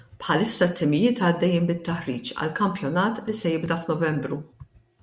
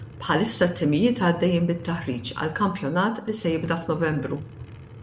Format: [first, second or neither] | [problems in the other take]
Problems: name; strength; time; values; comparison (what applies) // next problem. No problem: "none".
first | background sound (Truck); 16 dB below the speech